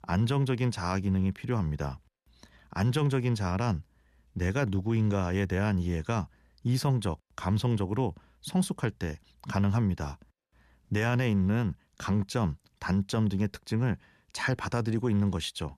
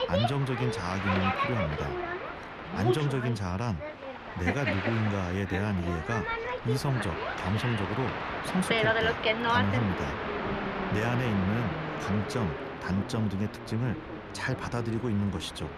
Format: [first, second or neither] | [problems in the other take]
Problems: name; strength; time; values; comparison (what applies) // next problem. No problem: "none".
first | train or aircraft noise; loud; throughout; 1 dB below the speech